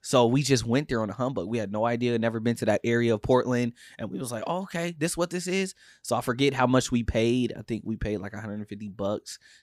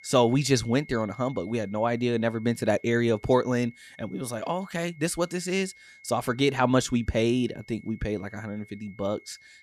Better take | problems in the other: first | high-pitched whine; faint; throughout; 2 kHz, 25 dB below the speech

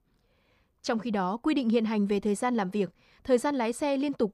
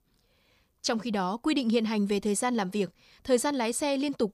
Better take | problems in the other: second | muffled; slightly; fading above 3 kHz

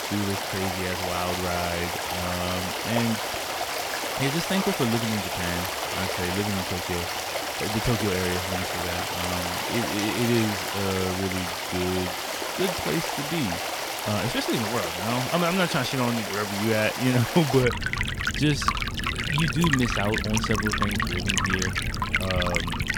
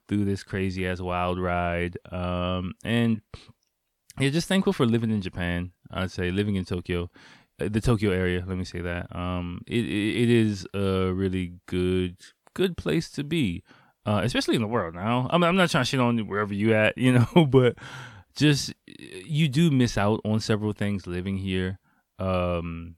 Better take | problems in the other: second | rain or running water; very loud; throughout; as loud as the speech

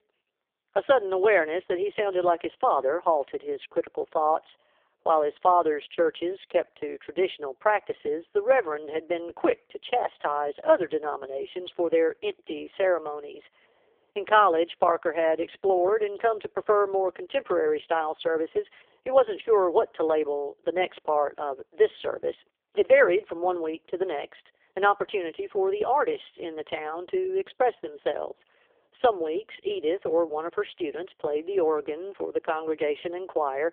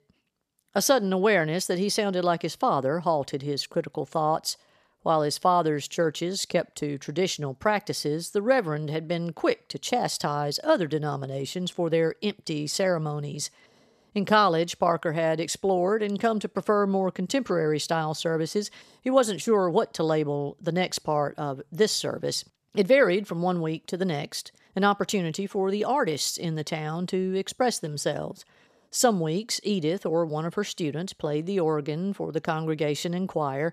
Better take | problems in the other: second | phone-call audio; poor line; nothing above 3.5 kHz

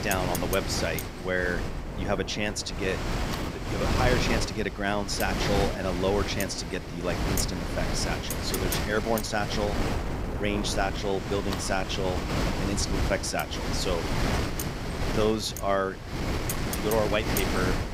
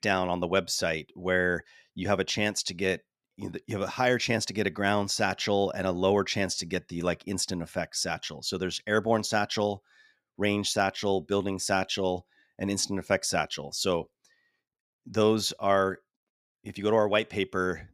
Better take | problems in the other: second | wind noise on the microphone; heavy; 3 dB below the speech

